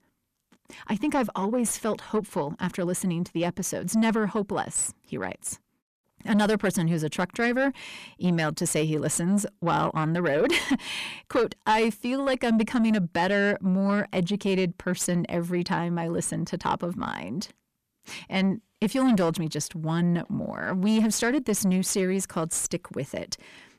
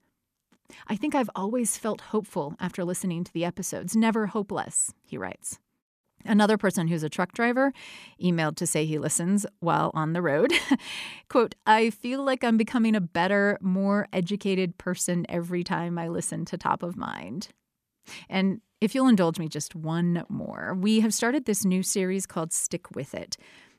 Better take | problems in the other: second | distortion; slight; 10 dB below the speech

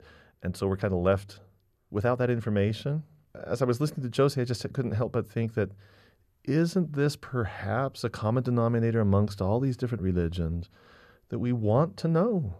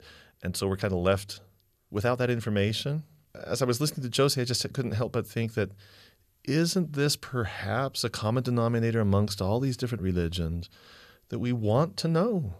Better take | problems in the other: second | muffled; slightly; fading above 2 kHz

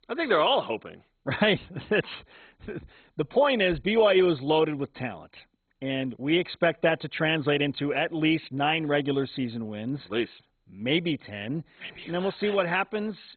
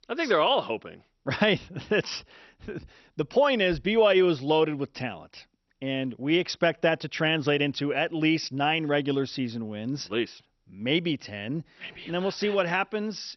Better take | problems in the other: second | garbled, watery; badly; nothing above 3.5 kHz; slightly in the second

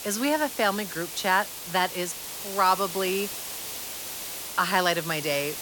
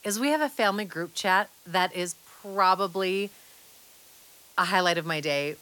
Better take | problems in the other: second | hiss; loud; throughout; 7 dB below the speech; faint in the second

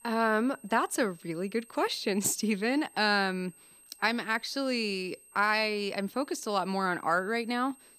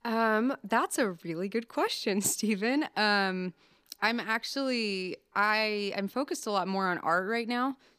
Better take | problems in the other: second | high-pitched whine; faint; throughout; 8.5 kHz, 25 dB below the speech

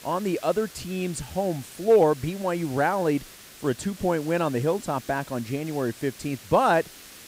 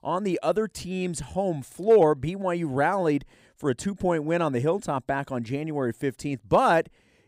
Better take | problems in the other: second | hiss; noticeable; throughout; 20 dB below the speech

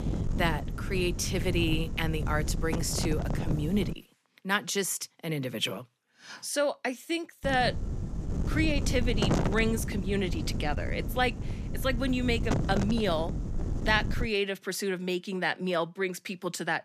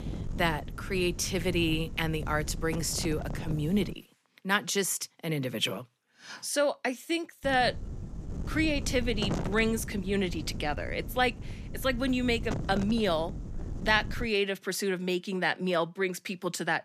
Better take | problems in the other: second | wind noise on the microphone; heavy; until 4 s and from 7.5 to 14 s; 10 dB below the speech; occasional gusts in the second

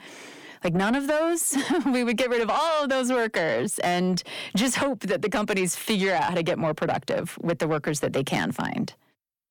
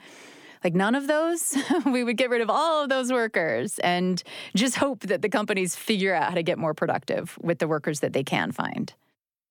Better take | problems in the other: second | distortion; slight; 10 dB below the speech

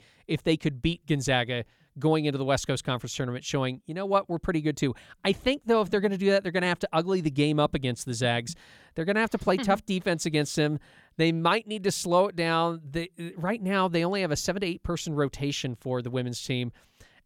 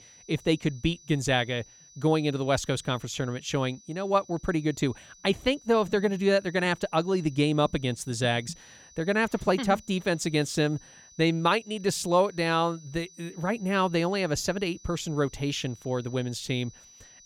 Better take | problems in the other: first | high-pitched whine; faint; throughout; 6 kHz, 25 dB below the speech

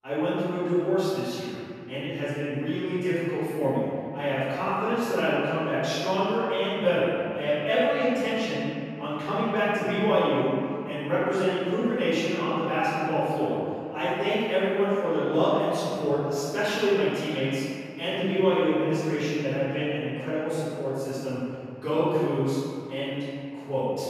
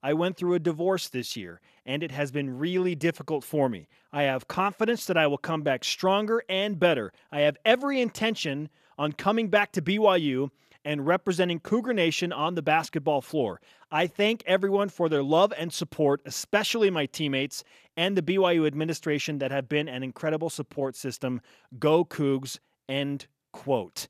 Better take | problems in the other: second | off-mic speech; far // room echo; strong; dies away in 2.5 s

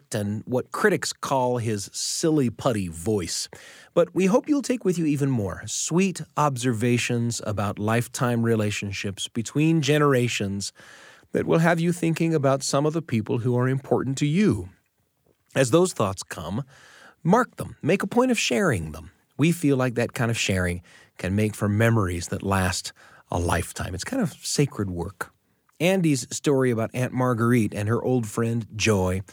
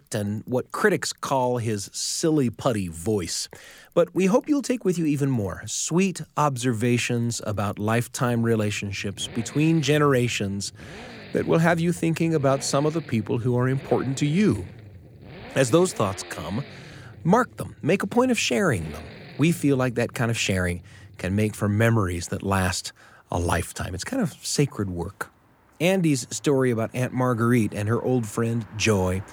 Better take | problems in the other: first | traffic noise; faint; throughout; 20 dB below the speech

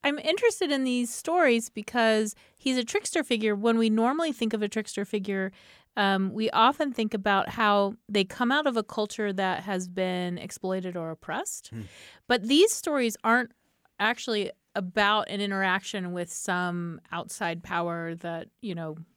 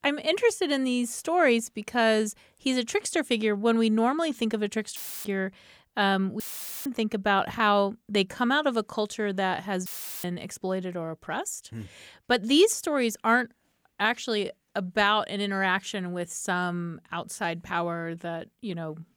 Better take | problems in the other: first | audio cutting out; filled with static; at 5 s, at 6.5 s and at 10 s

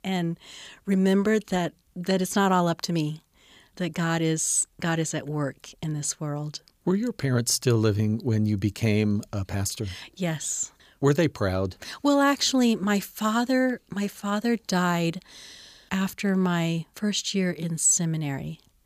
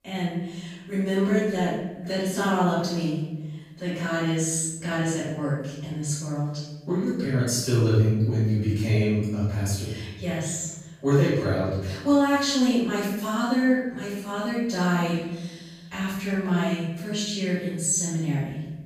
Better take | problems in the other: first | off-mic speech; far // room echo; strong; dies away in 1 s

